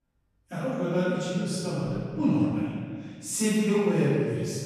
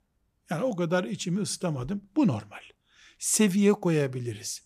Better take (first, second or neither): second